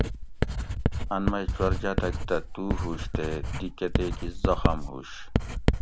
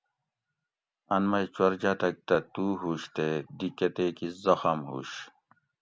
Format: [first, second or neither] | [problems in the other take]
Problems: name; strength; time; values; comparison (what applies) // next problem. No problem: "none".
second | background sound (Writing); 4 dB above the speech